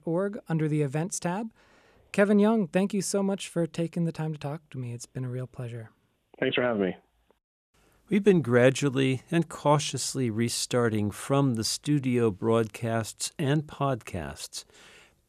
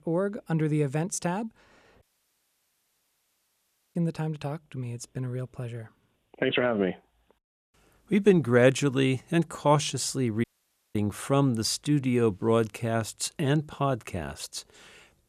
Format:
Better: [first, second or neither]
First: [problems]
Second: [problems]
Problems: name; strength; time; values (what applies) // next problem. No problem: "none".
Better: first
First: none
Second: audio cutting out; at 2 s for 2 s and at 10 s for 0.5 s